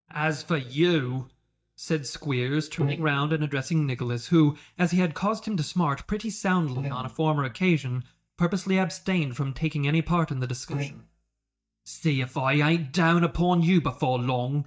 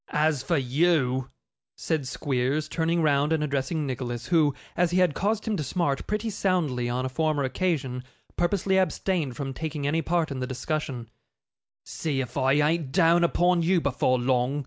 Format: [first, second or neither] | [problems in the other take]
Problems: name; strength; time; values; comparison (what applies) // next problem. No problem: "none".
second | noise reduction (neural mask model DeepFilterNet 3)